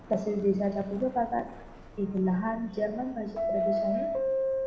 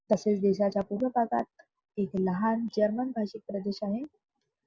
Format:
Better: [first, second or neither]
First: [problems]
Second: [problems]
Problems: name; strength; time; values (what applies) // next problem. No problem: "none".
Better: second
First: background sound (Subway, metro, underground); 3 dB below the speech // room echo; dies away in 0.9 s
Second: none